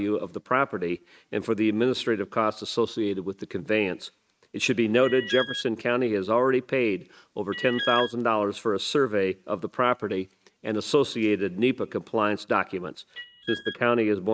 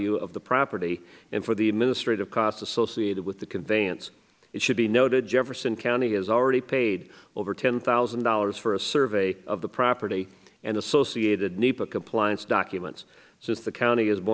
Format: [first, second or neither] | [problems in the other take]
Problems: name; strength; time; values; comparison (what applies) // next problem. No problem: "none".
second | noise reduction (neural mask model RNNoise)